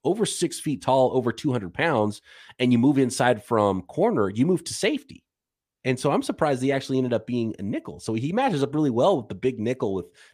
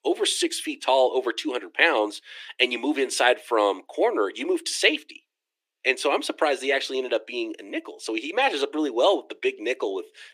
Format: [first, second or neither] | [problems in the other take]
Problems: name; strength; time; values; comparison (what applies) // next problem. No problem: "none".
first | thin; somewhat; fading below 300 Hz